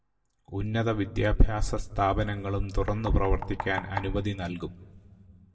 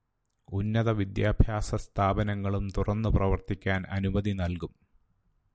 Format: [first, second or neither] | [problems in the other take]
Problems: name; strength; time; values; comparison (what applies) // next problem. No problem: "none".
second | background sound (Knock); 14 dB below the speech // room echo; dies away in 0.9 s